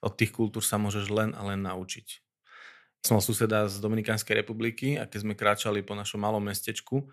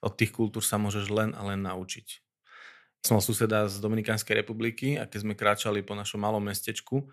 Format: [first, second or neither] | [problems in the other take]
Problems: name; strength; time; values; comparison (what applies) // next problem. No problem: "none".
neither | none